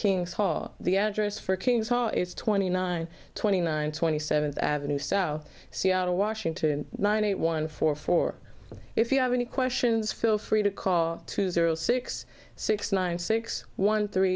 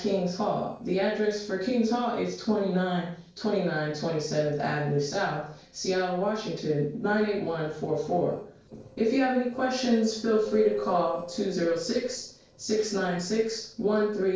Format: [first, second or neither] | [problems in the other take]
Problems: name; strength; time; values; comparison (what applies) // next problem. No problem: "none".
first | noise reduction (neural separator model SepFormer DNS4)